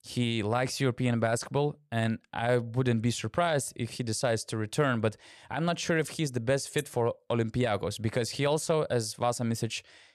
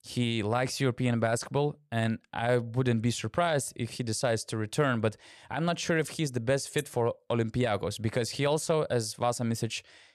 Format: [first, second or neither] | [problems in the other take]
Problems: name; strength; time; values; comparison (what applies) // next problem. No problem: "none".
neither | none